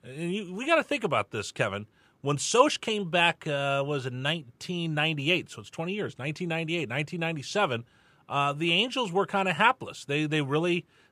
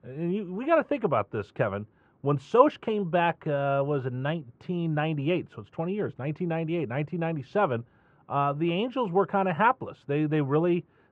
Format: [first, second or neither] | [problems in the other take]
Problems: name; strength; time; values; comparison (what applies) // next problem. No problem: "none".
first | muffled; very; fading above 3.5 kHz